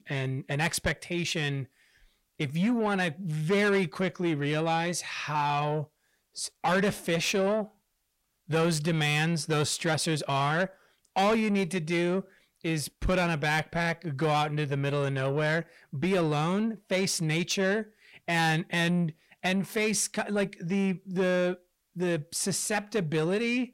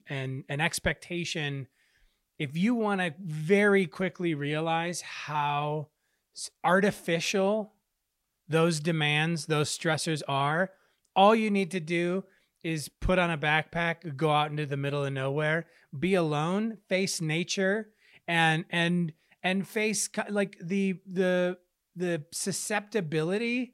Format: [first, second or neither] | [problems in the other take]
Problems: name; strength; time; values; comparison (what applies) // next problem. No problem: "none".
second | distortion; slight; 10 dB below the speech